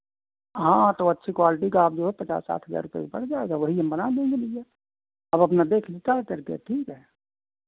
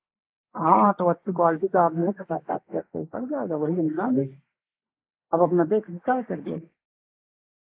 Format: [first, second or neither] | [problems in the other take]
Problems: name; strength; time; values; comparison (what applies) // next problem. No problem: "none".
first | noise reduction (neural mask model Resemble Enhance denoiser)